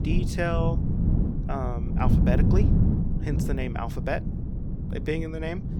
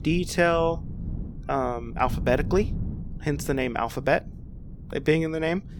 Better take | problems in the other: second | wind noise on the microphone; heavy; 4 dB below the speech; occasional gusts in the second

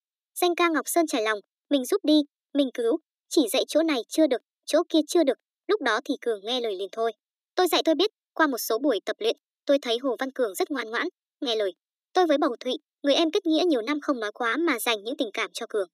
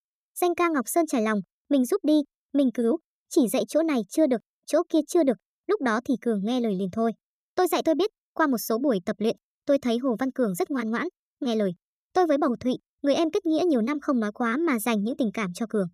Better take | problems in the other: second | thin; very slightly; fading below 300 Hz

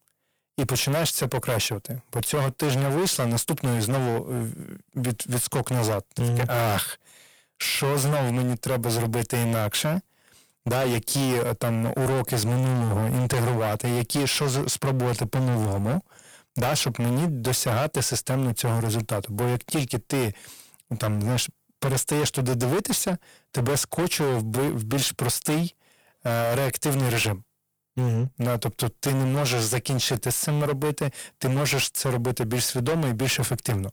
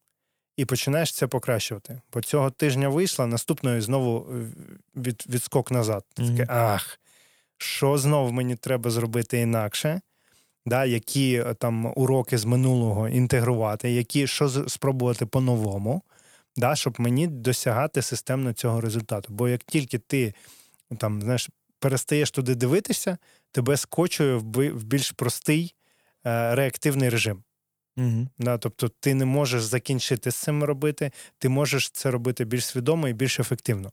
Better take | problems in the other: second | distortion; heavy; 26% of the sound clipped

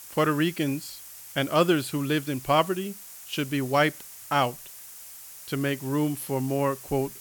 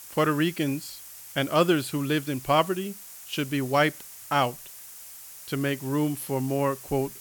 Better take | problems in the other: neither | hiss; noticeable; throughout; 15 dB below the speech; the same in both

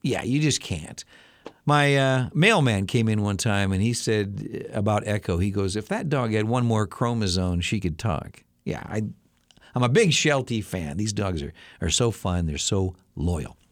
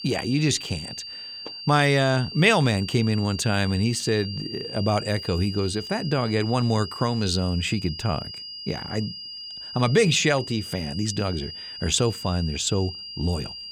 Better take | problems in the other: first | high-pitched whine; noticeable; throughout; 5 kHz, 10 dB below the speech

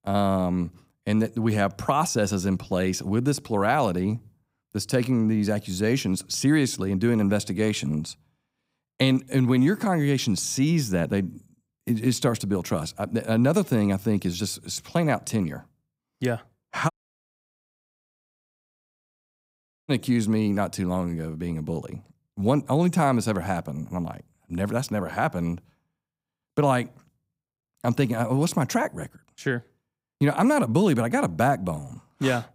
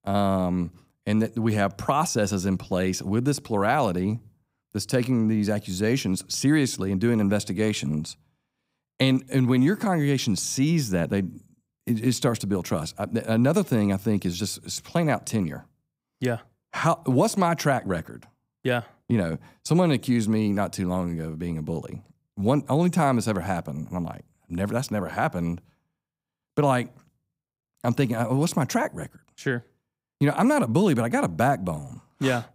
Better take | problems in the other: second | audio cutting out; at 17 s for 3 s

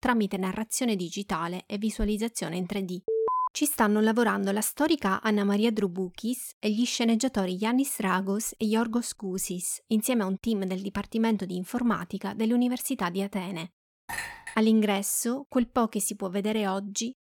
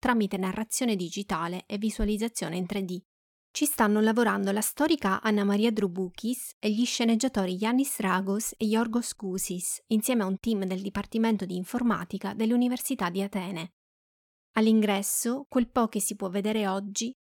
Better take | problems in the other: second | alarm; loud; at 3 s; peak 1 dB above the speech // clattering dishes; noticeable; at 14 s; peak 7 dB below the speech

